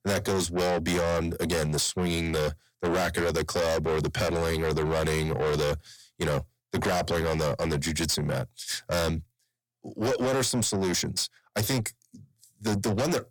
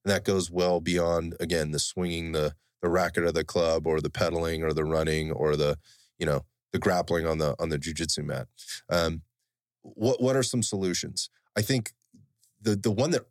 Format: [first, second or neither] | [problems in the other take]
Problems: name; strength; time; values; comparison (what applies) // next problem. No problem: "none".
second | distortion; heavy; 7 dB below the speech